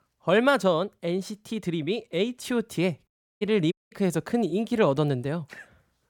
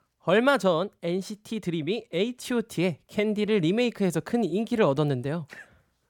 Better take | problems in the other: second | audio cutting out; at 3 s and at 3.5 s

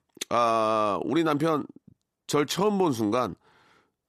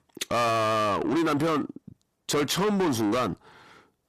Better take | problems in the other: first | distortion; heavy; 7 dB below the speech

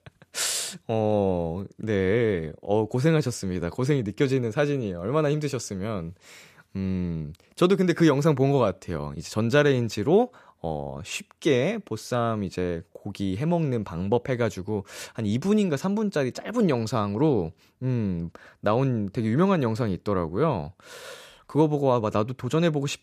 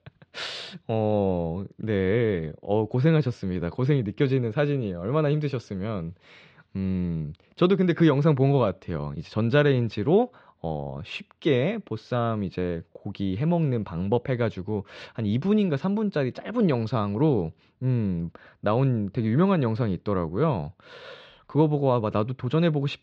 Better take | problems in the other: first | muffled; slightly; fading above 4 kHz

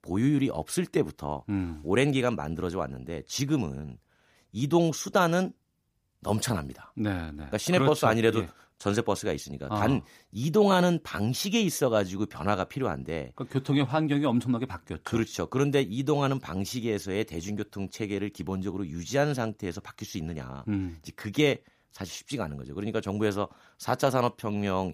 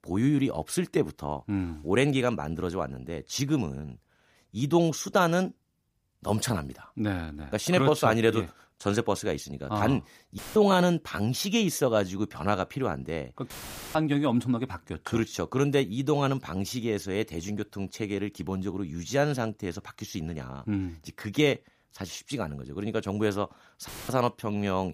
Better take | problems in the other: first | audio cutting out; filled with static; at 10 s, at 14 s and at 24 s

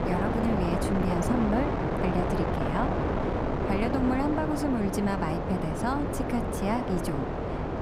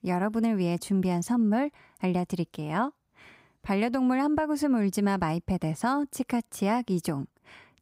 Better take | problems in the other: second | wind noise on the microphone; heavy; 2 dB above the speech

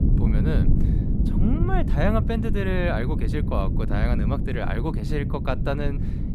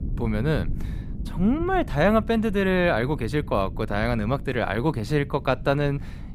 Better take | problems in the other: second | low rumble; loud; throughout; 6 dB below the speech; faint in the second

